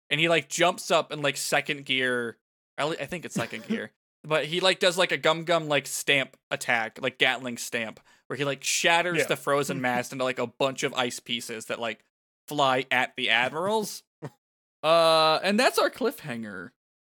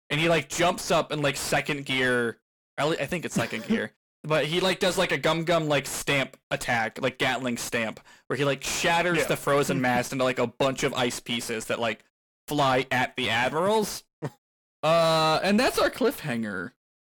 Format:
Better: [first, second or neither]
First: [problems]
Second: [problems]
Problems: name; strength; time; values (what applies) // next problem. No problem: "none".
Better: first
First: none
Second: distortion; heavy; 6 dB below the speech